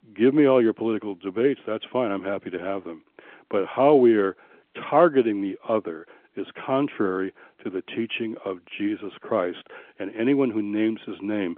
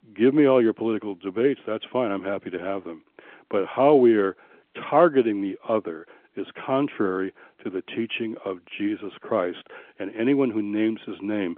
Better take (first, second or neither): neither